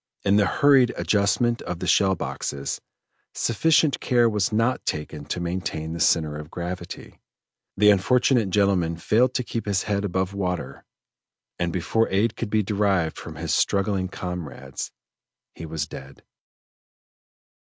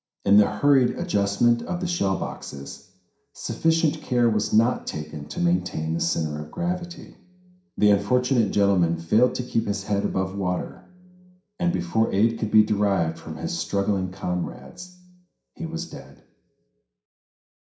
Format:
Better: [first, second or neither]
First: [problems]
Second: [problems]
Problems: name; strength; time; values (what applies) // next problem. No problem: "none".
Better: first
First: none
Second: room echo; dies away in 0.5 s